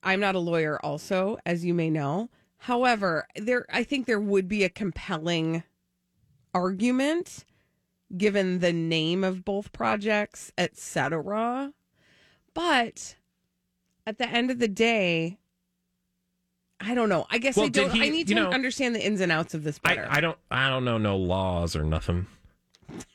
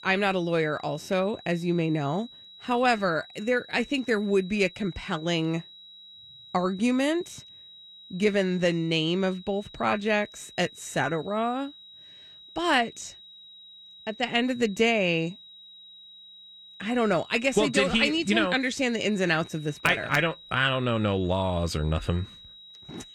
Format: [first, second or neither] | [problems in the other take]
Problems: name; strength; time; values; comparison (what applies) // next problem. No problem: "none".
first | high-pitched whine; noticeable; throughout; 4 kHz, 20 dB below the speech